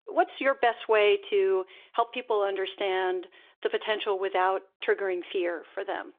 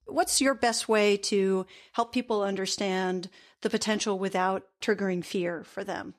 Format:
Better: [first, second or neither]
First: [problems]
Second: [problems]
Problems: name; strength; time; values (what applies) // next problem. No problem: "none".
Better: second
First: phone-call audio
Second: none